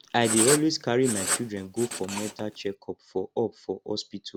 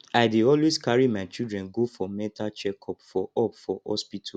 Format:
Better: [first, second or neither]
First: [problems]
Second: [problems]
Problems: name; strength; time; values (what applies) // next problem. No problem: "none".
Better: second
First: background sound (Writing); 3 dB below the speech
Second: none